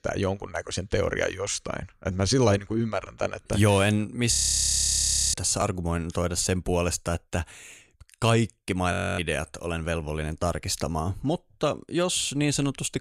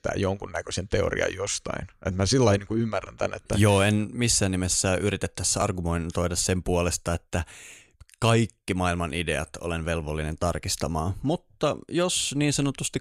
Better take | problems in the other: second | audio freezing; at 4.5 s for 1 s and at 9 s

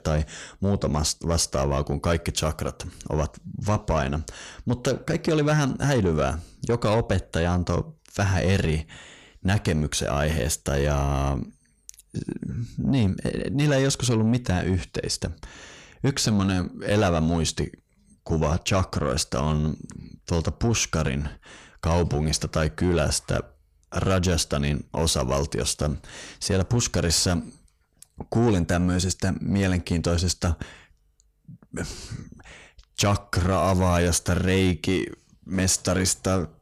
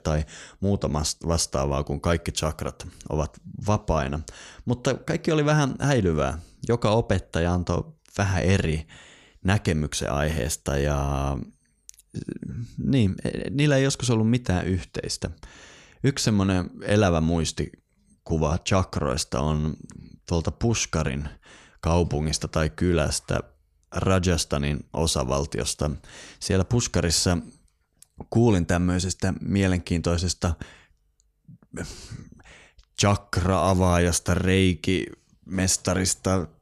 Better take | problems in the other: second | distortion; slight; 10 dB below the speech

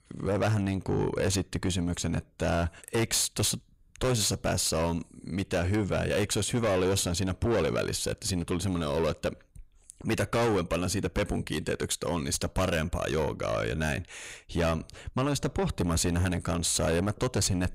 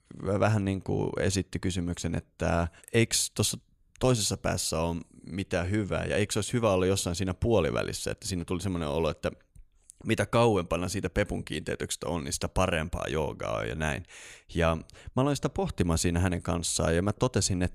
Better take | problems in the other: second | distortion; heavy; 7 dB below the speech

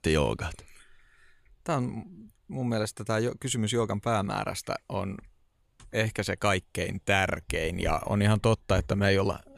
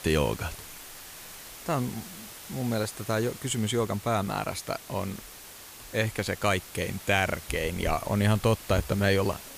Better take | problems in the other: first | hiss; noticeable; throughout; 15 dB below the speech

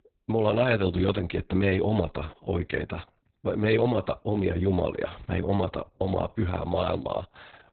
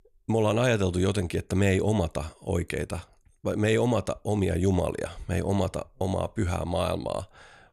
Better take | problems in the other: second | garbled, watery; badly; nothing above 4 kHz

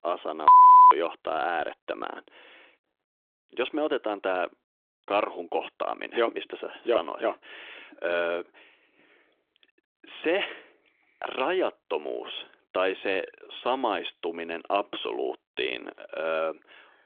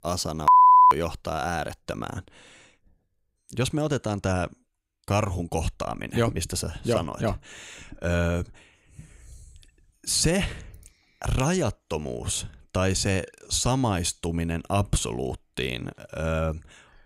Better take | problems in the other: second | phone-call audio; nothing above 3.5 kHz

